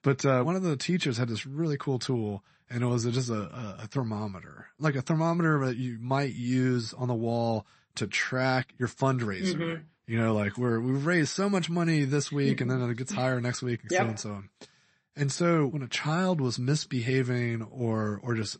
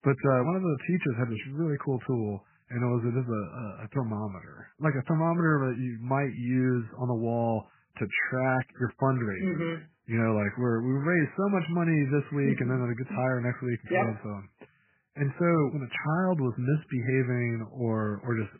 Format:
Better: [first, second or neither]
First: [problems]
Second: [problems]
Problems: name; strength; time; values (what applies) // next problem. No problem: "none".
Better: first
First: garbled, watery; slightly; nothing above 8 kHz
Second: garbled, watery; badly; nothing above 2.5 kHz